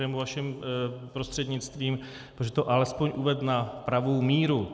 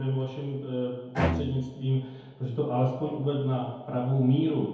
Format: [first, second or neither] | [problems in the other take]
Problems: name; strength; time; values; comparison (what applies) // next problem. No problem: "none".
first | background sound (Bowed string instrument); 5 dB below the speech // room echo; dies away in 1.9 s